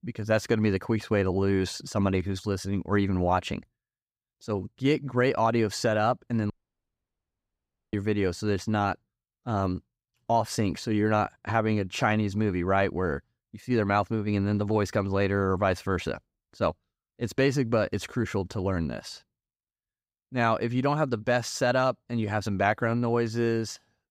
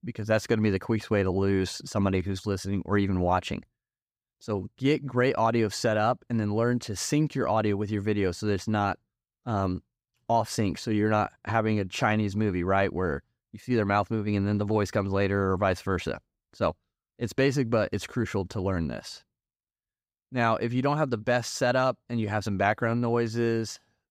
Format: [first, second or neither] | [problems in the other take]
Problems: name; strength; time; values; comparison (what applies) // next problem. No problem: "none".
second | audio cutting out; at 6.5 s for 1.5 s